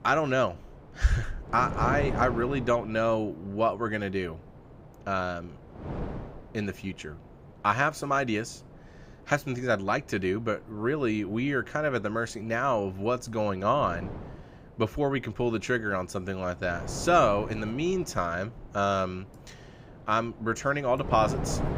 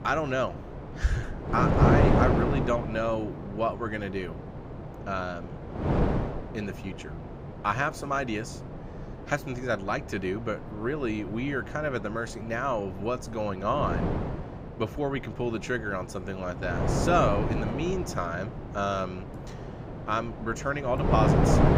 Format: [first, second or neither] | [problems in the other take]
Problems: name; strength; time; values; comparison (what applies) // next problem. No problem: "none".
first | wind noise on the microphone; heavy; 5 dB below the speech; occasional gusts in the first